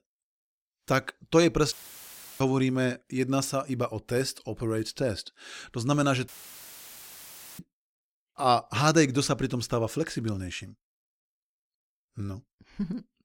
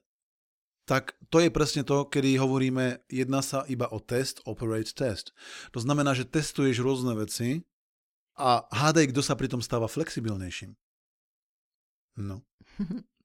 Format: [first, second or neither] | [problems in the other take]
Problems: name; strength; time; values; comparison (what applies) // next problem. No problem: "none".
second | audio cutting out; filled with static; at 1.5 s for 0.5 s and at 6.5 s for 1.5 s